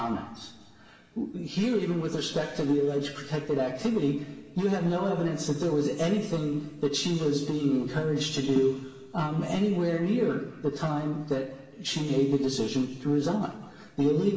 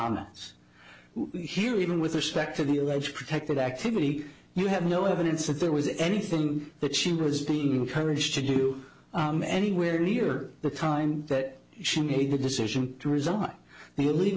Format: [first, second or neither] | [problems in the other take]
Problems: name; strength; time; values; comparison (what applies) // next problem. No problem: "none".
second | room echo; dies away in 1.8 s